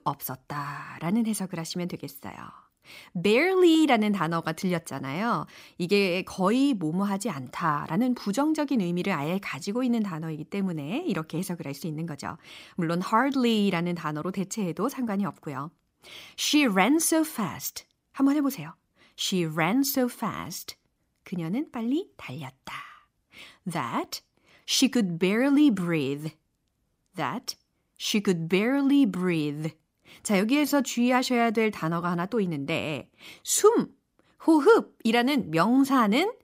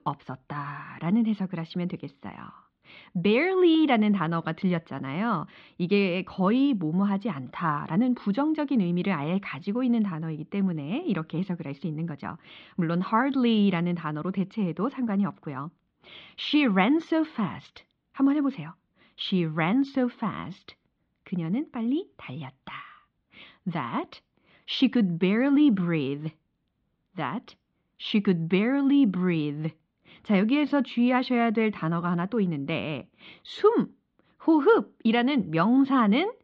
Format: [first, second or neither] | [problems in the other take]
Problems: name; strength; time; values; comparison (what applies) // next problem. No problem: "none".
first | muffled; slightly; fading above 3.5 kHz